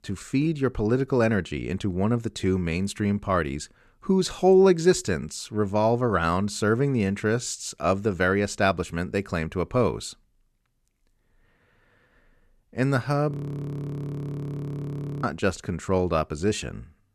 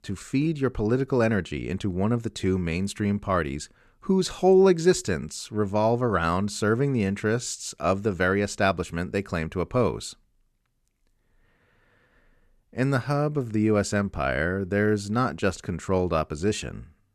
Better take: second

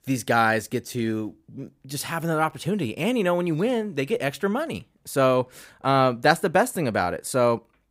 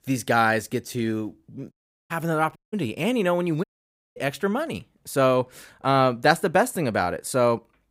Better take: first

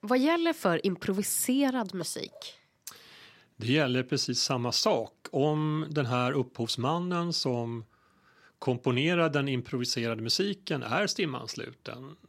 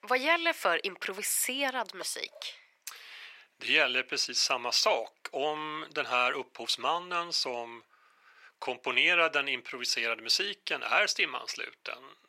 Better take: first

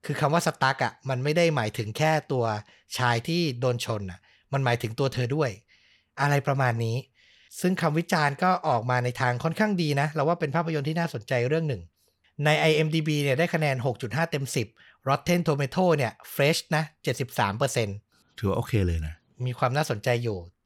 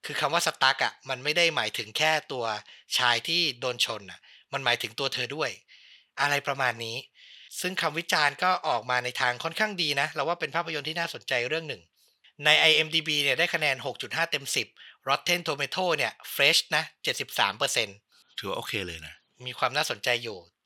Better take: first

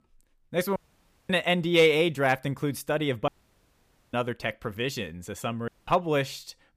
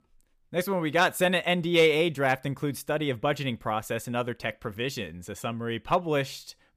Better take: second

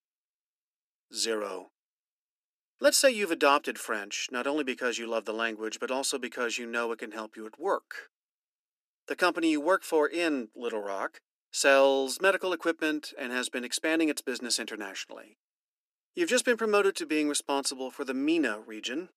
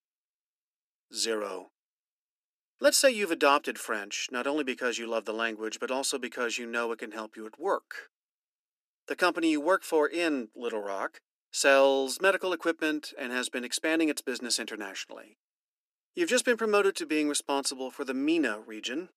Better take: neither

